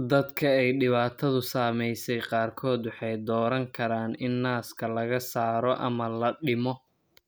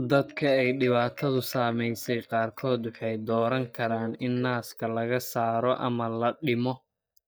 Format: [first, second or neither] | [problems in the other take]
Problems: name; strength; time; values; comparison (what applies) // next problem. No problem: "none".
first | noise reduction (neural mask model DeepFilterNet 3)